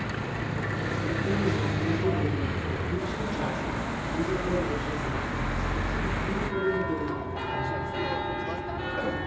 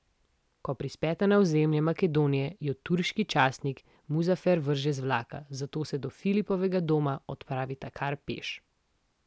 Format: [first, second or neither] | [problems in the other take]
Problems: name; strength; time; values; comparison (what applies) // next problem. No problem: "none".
second | background sound (Church bell / Traffic noise, roadway noise); 5 dB above the speech // room echo; dies away in 0.6 s